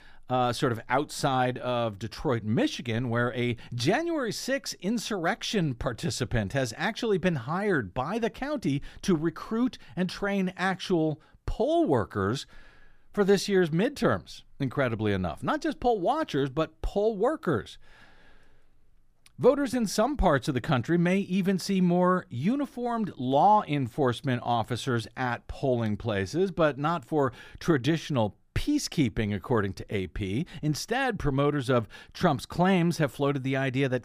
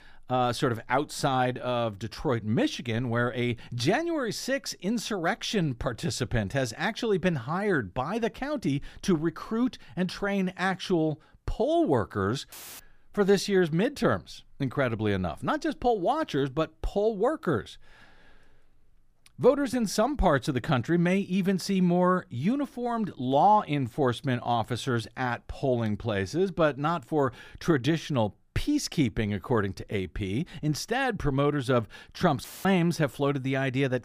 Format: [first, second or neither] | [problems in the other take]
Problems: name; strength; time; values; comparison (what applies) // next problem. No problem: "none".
first | audio cutting out; filled with static; at 13 s and at 32 s